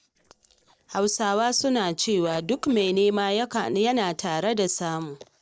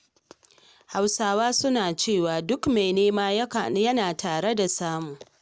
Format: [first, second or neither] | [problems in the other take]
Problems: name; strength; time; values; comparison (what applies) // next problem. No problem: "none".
second | noise reduction (neural separator model SepFormer DNS4)